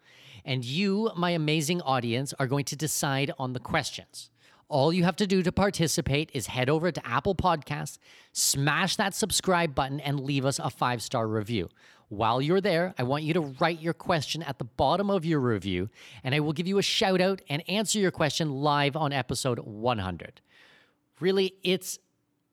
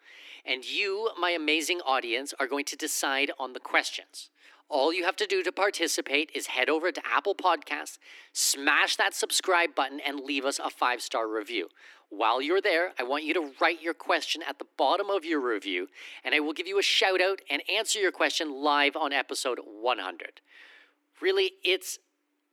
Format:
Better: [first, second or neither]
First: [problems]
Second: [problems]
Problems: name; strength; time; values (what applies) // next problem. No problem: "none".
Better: first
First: none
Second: thin; somewhat; fading below 300 Hz